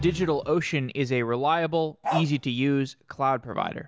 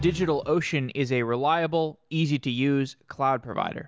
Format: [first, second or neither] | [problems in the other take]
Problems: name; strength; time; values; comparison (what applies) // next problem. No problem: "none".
second | background sound (Bark); 4 dB below the speech